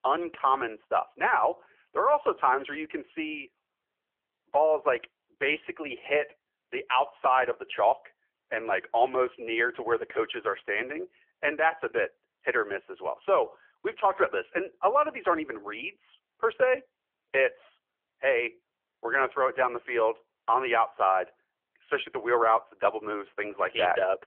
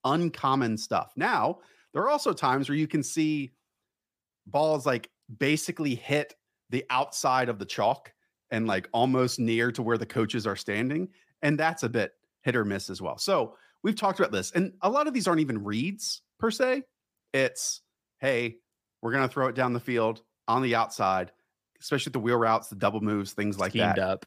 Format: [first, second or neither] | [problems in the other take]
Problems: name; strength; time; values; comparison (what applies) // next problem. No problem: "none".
second | phone-call audio; nothing above 3 kHz